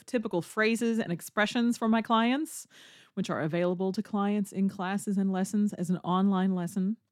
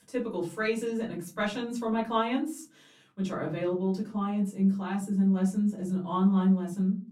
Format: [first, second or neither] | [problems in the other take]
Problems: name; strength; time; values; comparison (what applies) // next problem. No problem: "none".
first | off-mic speech; far // room echo; very slight; dies away in 0.4 s